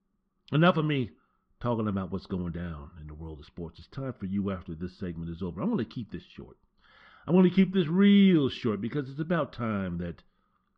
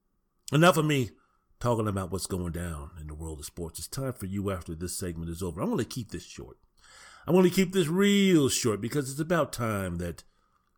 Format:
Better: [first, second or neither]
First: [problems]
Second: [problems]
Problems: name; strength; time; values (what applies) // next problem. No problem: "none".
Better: second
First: muffled; very; fading above 4 kHz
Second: none